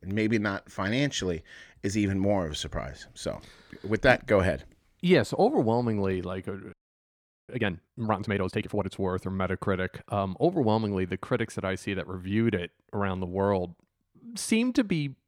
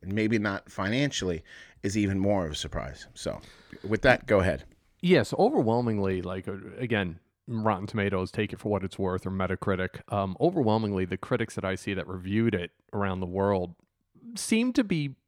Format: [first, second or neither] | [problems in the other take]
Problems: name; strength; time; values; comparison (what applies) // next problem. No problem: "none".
second | audio freezing; at 6.5 s for 1 s